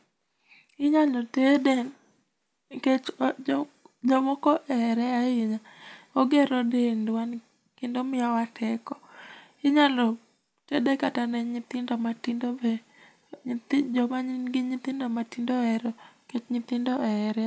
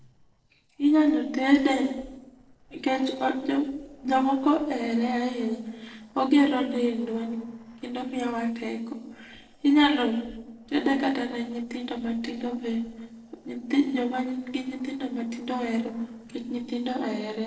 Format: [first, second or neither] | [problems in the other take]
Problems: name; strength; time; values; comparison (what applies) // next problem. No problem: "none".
first | noise reduction (neural separator model SepFormer DNS4)